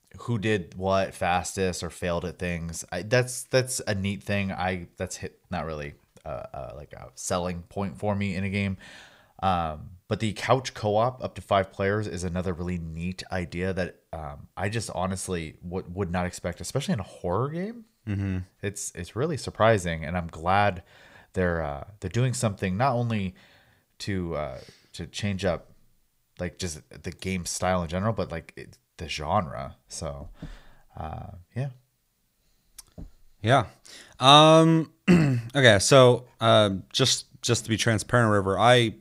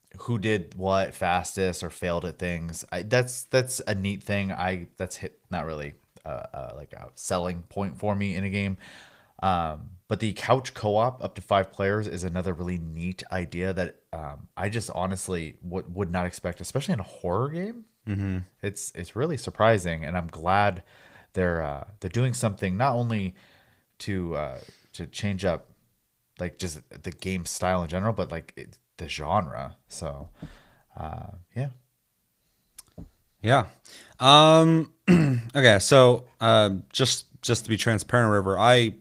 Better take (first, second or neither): first